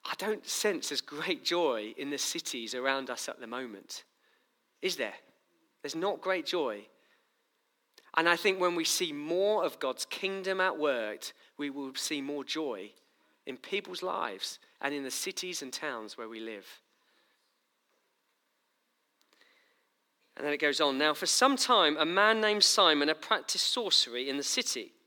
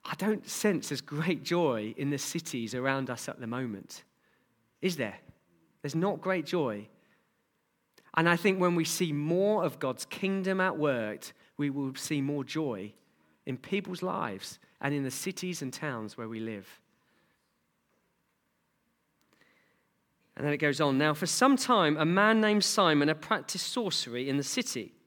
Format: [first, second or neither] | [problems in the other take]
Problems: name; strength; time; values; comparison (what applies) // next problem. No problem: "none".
second | thin; somewhat; fading below 350 Hz